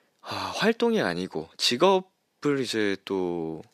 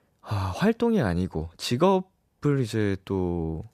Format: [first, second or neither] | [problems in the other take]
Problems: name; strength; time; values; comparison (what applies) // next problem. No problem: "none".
second | thin; very slightly; fading below 300 Hz